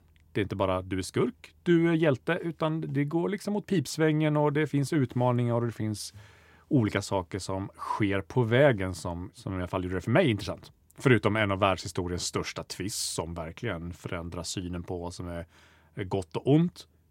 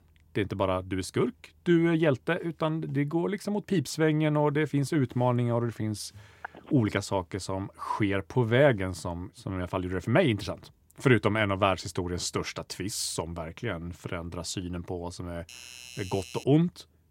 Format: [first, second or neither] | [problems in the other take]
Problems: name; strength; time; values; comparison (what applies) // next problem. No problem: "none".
first | phone ringing; faint; at 6.5 s; peak 15 dB below the speech // doorbell; faint; from 15 to 16 s; peak 15 dB below the speech